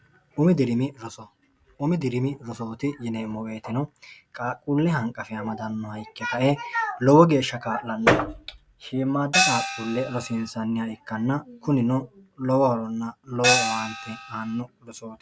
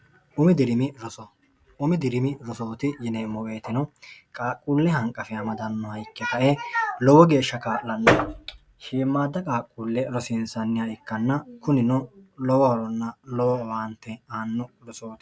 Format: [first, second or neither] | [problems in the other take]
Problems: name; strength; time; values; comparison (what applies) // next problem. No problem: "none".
second | background sound (Gong); as loud as the speech